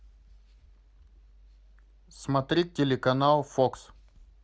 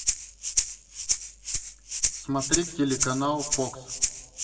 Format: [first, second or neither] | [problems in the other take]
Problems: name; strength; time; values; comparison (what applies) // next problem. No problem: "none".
first | background sound (Rattle (instrument)); 2 dB above the speech // room echo; dies away in 1 s